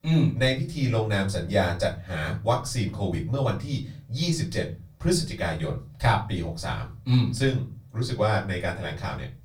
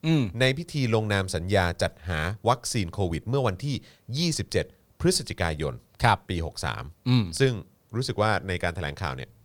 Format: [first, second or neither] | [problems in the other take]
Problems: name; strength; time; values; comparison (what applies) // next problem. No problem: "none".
second | off-mic speech; far // room echo; very slight; dies away in 0.3 s